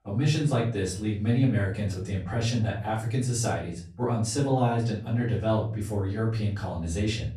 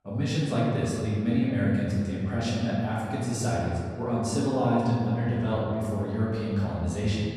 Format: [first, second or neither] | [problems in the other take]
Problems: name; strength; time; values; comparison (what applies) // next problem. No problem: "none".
first | room echo; strong; dies away in 2.1 s; slight in the first // off-mic speech; far; far in the first